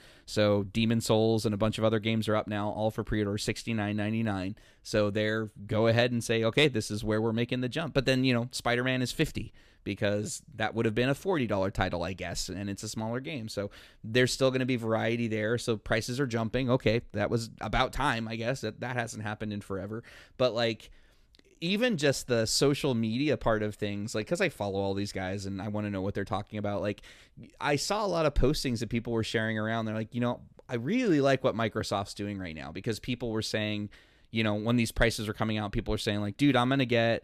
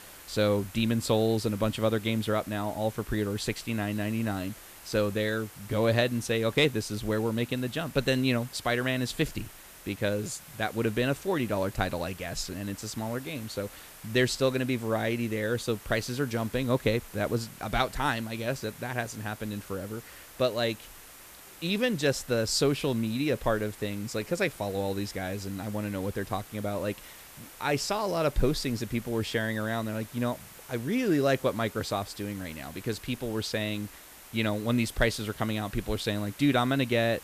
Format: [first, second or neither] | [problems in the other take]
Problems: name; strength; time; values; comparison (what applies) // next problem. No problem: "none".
first | hiss; noticeable; throughout; 15 dB below the speech